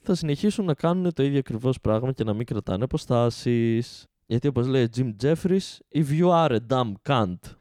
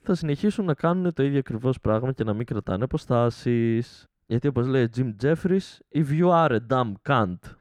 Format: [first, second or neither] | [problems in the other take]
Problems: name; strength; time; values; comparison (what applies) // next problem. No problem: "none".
first | muffled; very slightly; fading above 3 kHz